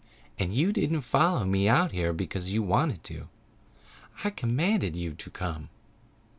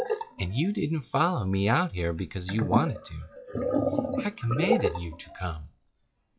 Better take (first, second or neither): first